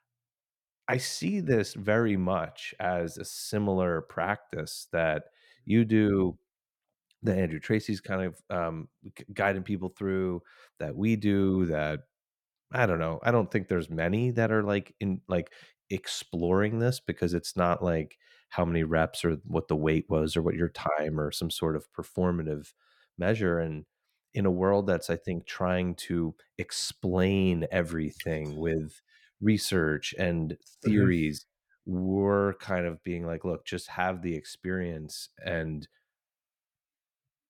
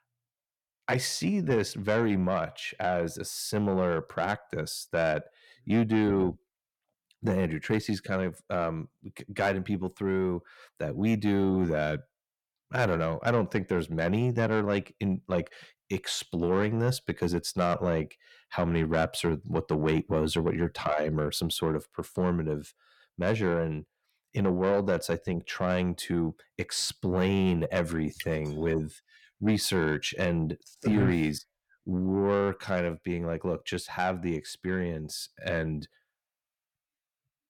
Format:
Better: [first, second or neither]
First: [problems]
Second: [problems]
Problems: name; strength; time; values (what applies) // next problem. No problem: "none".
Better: first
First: none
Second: distortion; slight; 10 dB below the speech